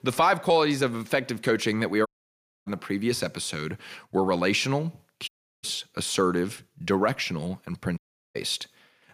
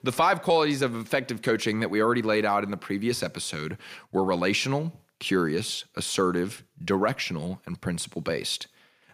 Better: second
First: audio cutting out; at 2 s for 0.5 s, at 5.5 s and at 8 s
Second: none

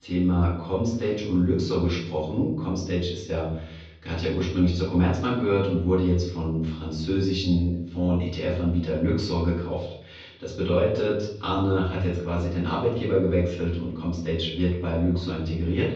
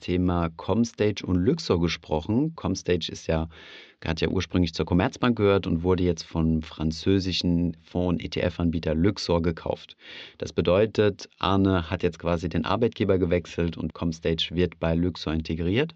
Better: second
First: off-mic speech; far // room echo; noticeable; dies away in 0.7 s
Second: none

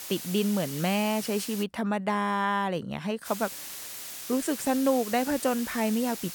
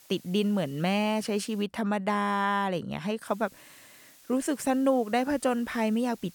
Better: second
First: hiss; loud; until 1.5 s and from 3.5 s on; 9 dB below the speech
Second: hiss; faint; until 1.5 s and from 3.5 s on; 25 dB below the speech

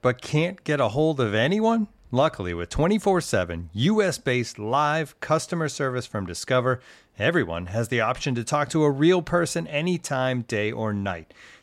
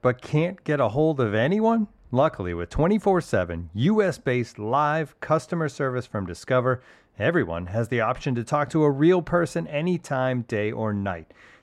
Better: first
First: none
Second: muffled; slightly; fading above 2.5 kHz

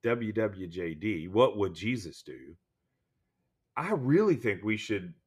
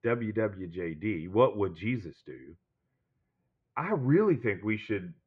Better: first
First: none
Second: muffled; very; fading above 2 kHz

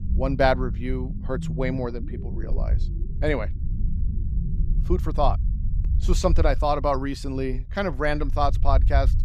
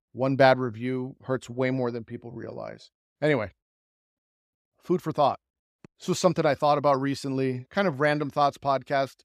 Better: second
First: low rumble; noticeable; throughout; 20 dB below the speech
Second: none

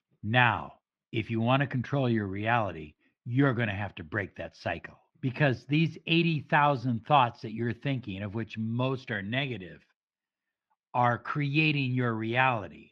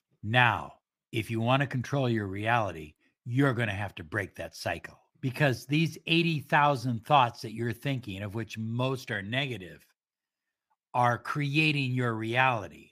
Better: second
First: muffled; very slightly; fading above 4 kHz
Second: none

